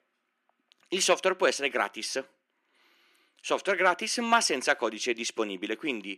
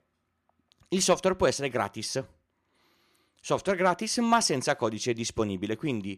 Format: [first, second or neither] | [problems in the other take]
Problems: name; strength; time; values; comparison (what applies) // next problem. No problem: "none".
second | thin; very slightly; fading below 250 Hz